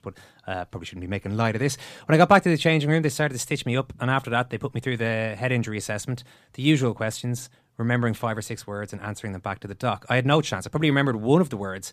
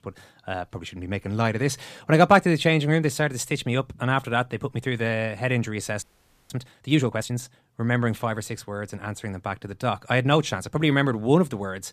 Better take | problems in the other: first | audio freezing; at 6 s

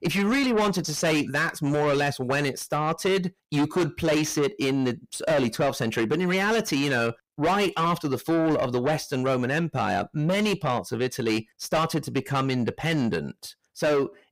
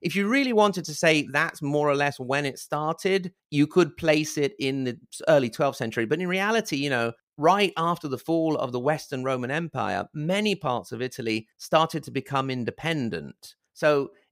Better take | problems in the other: second | distortion; heavy; 6 dB below the speech

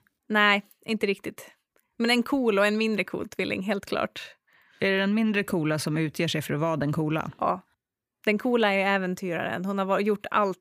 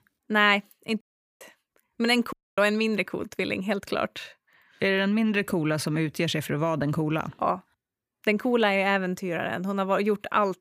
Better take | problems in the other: first | audio cutting out; at 1 s and at 2.5 s

